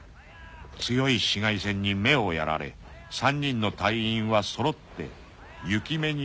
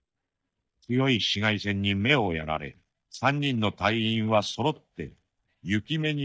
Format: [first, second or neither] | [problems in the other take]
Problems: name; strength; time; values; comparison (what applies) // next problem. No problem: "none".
first | noise reduction (neural mask model DeepFilterNet 3)